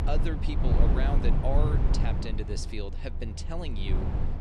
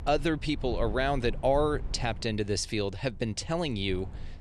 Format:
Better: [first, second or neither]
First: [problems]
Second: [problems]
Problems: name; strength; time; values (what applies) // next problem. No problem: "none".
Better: second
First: low rumble; loud; throughout; 2 dB below the speech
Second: low rumble; faint; throughout; 20 dB below the speech